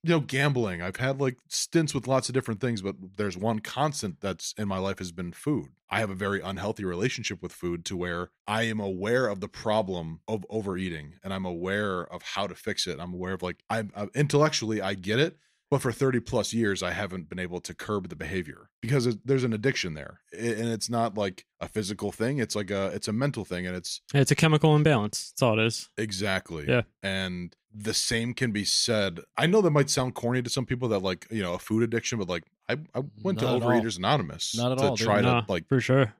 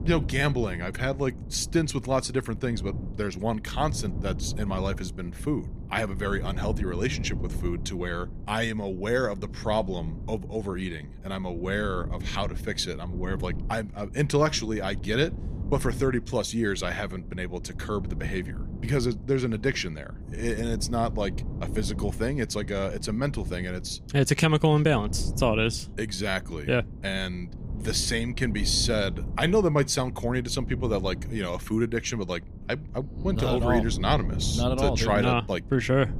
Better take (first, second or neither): first